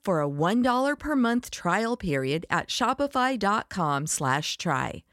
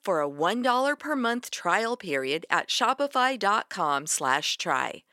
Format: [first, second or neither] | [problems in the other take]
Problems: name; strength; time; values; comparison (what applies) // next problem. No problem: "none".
first | thin; somewhat; fading below 350 Hz